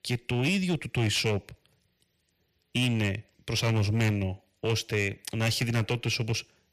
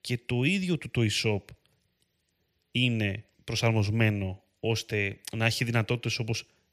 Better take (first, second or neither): second